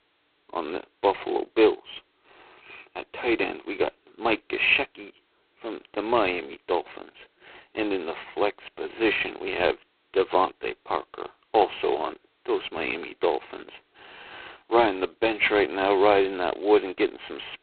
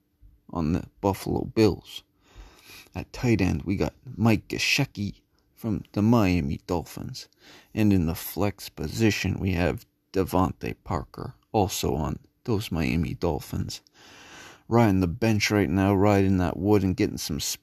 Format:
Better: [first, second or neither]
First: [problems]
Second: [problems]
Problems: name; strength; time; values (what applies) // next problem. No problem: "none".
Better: second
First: phone-call audio; poor line; nothing above 4 kHz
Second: none